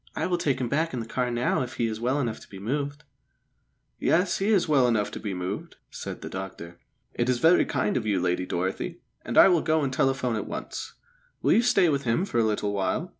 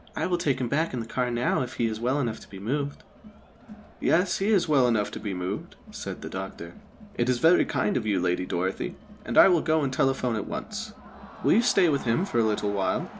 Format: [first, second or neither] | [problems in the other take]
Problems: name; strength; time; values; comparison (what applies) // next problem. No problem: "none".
first | background sound (Crowd); 19 dB below the speech